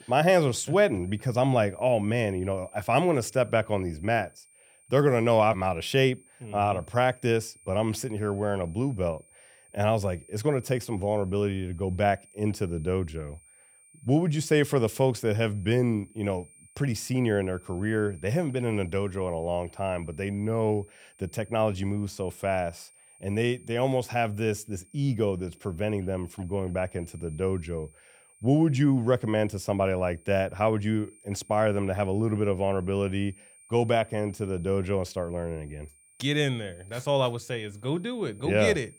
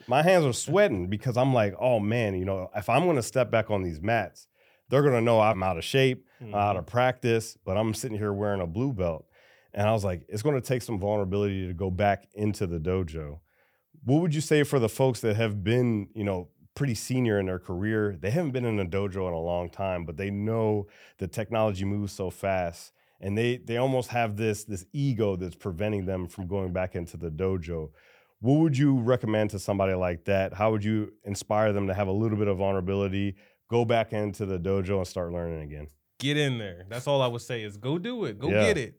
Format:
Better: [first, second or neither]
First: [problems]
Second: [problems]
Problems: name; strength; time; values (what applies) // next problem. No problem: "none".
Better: second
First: high-pitched whine; faint; throughout; 9 kHz, 25 dB below the speech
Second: none